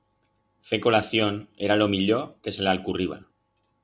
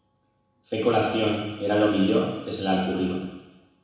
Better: first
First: none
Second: room echo; dies away in 1.1 s

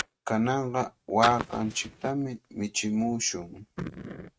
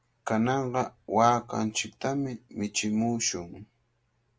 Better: second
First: noise reduction (neural mask model RNNoise)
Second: none

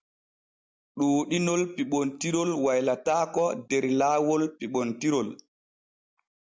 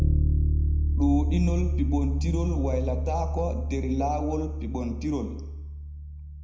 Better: first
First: none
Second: background sound (Bass guitar); 4 dB above the speech // room echo; dies away in 0.8 s

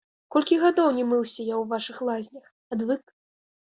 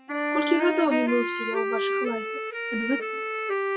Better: first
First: none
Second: noise reduction (classical method WPE with log-MMSE)

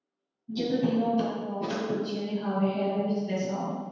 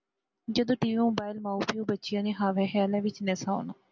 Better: second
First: room echo; dies away in 1.2 s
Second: none

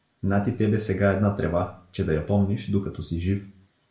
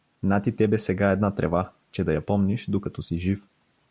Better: second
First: room echo; dies away in 0.4 s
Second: none

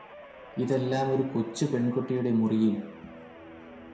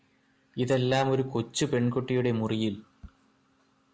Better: second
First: background sound (Guitar); 18 dB below the speech // room echo; dies away in 0.6 s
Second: none

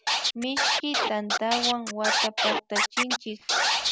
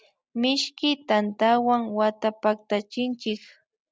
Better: second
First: background sound (Scratching (performance technique)); 5 dB above the speech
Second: none

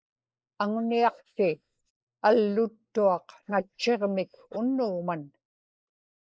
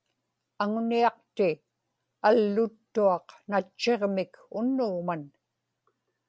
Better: second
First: noise reduction (neural mask model Resemble Enhance denoiser)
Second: none

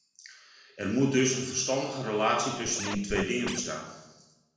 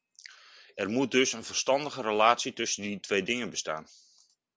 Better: second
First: background sound (Scratching (performance technique)); 9 dB below the speech // room echo; dies away in 1 s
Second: none

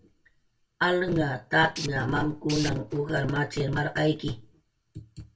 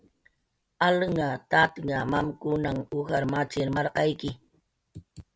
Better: second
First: background sound (Tools); 13 dB below the speech // room echo; dies away in 0.2 s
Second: none

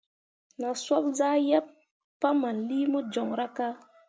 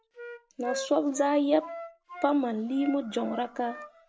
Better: first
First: none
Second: background sound (Wind instrument, woodwind instrument); 13 dB below the speech

